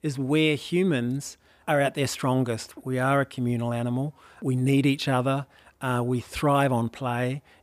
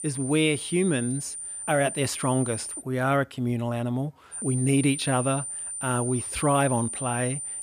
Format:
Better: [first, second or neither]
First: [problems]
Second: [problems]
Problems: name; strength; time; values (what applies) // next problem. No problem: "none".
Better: first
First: none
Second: high-pitched whine; loud; until 3 s and from 4.5 s on; 9 kHz, 6 dB below the speech